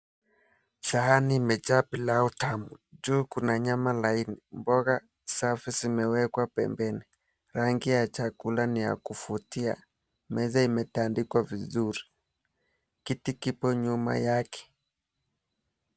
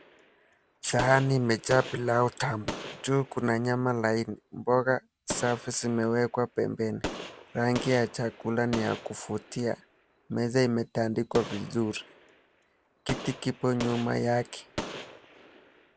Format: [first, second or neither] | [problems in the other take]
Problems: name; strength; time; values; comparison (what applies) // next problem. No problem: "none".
first | background sound (Gunshot, gunfire); 13 dB below the speech